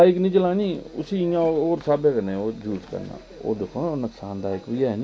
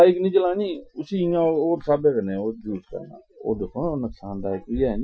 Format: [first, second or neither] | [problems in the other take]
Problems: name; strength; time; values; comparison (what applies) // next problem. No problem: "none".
first | noise reduction (classical method Wiener filter)